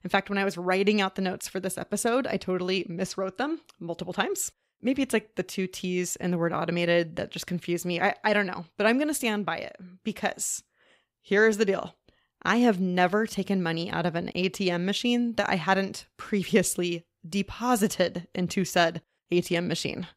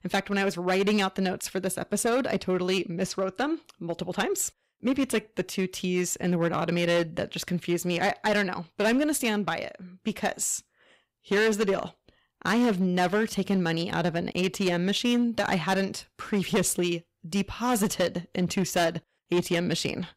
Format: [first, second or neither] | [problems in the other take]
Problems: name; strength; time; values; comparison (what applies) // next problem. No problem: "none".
first | distortion; slight; 7% of the sound clipped